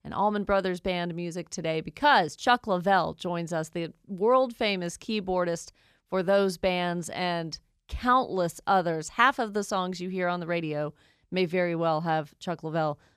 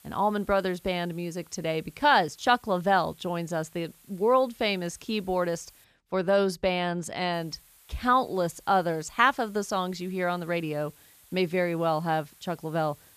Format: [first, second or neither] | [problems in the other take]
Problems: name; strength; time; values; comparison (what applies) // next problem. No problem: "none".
first | hiss; faint; until 6 s and from 7.5 s on; 25 dB below the speech